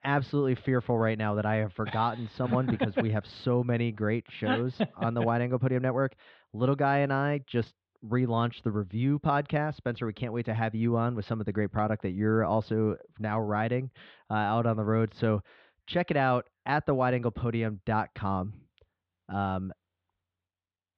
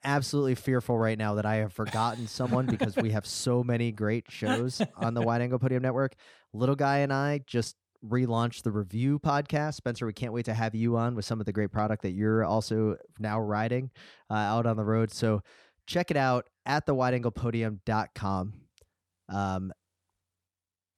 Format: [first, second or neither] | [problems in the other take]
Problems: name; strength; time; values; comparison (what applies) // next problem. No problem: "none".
second | muffled; very; fading above 3.5 kHz